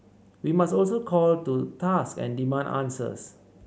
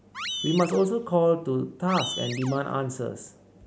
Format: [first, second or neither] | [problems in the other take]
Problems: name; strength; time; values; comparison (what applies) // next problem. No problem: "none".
first | background sound (Animal); 12 dB below the speech